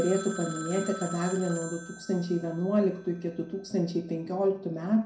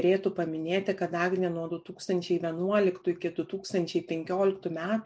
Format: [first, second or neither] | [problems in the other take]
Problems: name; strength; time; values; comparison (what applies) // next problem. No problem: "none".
second | background sound (Telephone); 14 dB below the speech // room echo; dies away in 0.4 s